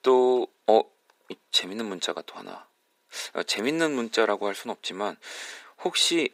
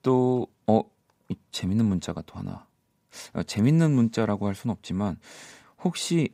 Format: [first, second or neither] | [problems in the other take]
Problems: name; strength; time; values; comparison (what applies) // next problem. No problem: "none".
second | thin; very; fading below 350 Hz